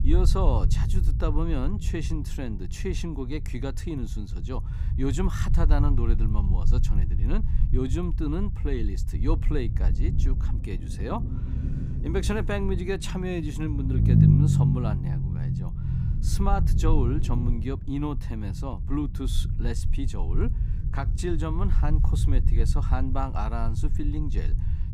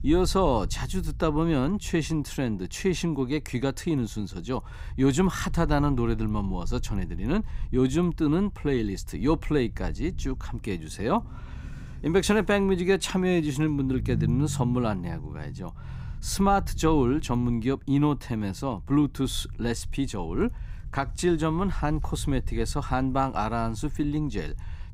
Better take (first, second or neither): second